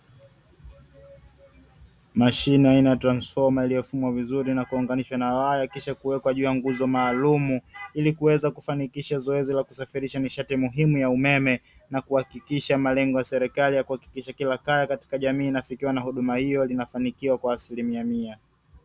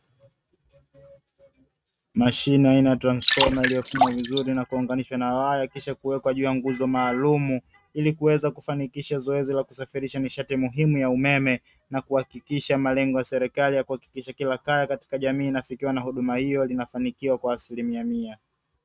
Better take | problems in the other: first | noise reduction (neural mask model RNNoise)

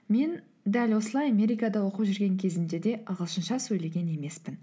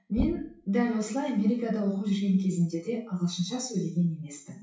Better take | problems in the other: first | noise reduction (classical method WPE with log-MMSE)

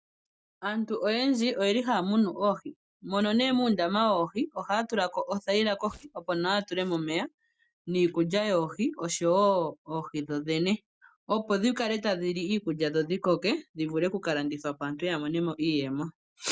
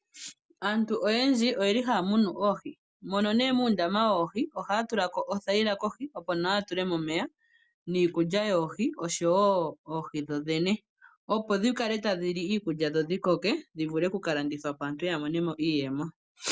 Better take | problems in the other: second | noise reduction (neural mask model DeepFilterNet 3)

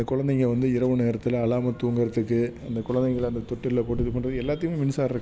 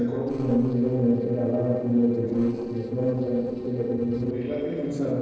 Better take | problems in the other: first | noise reduction (neural separator model SepFormer DNS4)

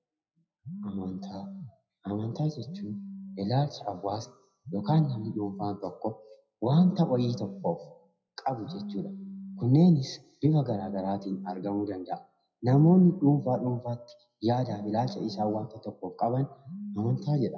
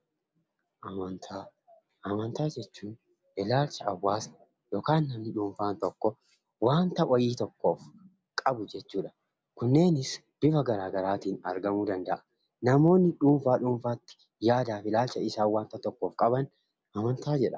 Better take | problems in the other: second | noise reduction (classical method WPE with log-MMSE)

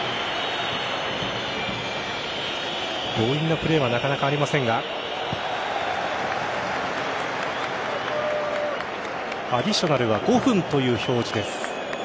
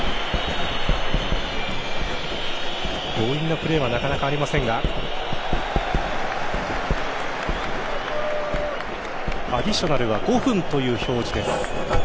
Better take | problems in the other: first | background sound (Writing); as loud as the speech

